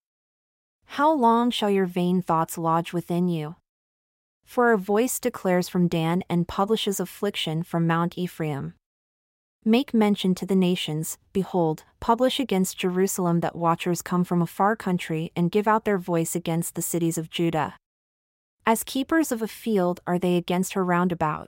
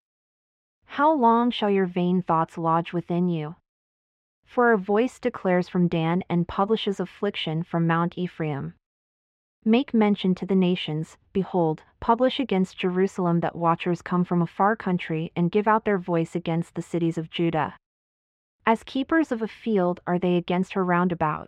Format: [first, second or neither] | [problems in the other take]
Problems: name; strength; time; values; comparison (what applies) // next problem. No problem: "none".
first | muffled; very; fading above 2.5 kHz